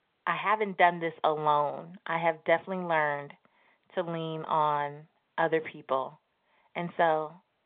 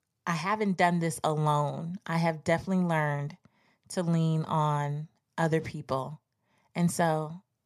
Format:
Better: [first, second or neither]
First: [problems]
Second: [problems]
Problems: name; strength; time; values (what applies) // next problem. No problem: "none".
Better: second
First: phone-call audio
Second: none